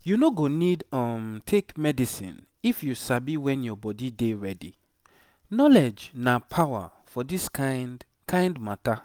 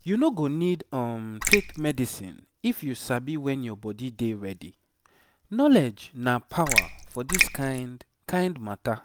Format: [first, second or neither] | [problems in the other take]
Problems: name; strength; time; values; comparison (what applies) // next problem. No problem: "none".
first | background sound (Raindrop); 1 dB above the speech